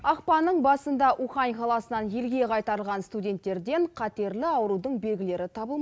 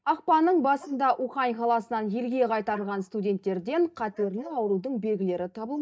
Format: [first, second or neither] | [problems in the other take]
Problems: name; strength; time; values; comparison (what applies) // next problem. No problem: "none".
first | noise reduction (neural mask model DeepFilterNet 3)